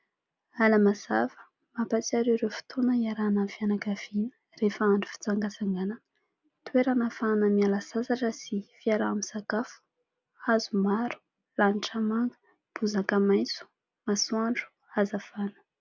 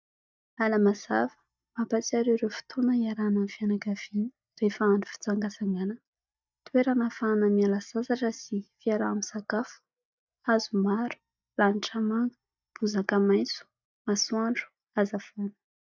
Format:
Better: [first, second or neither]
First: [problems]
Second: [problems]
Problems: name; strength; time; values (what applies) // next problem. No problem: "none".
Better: first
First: none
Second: noise reduction (neural mask model DeepFilterNet 3)